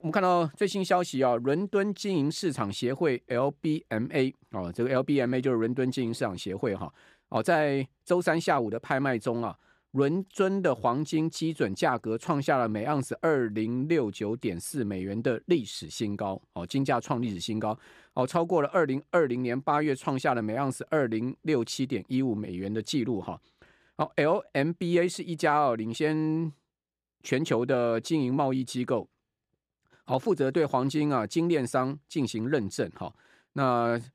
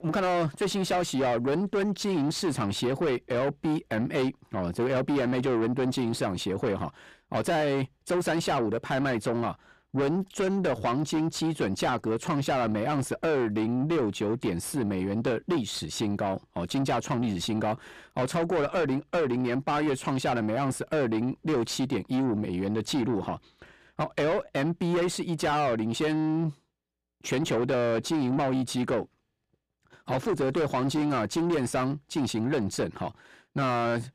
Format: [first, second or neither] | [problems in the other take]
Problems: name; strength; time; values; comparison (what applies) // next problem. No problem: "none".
first | distortion; heavy; 7 dB below the speech